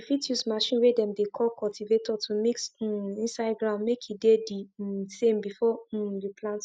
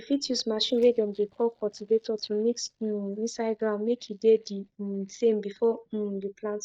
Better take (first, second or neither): first